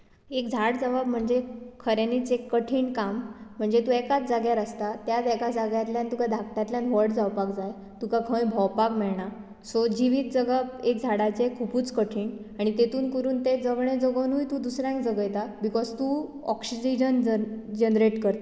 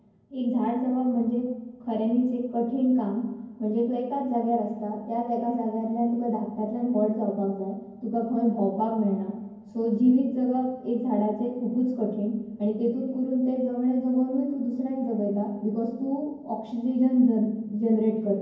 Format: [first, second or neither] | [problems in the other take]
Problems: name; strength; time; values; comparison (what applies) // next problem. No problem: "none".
first | room echo; dies away in 0.9 s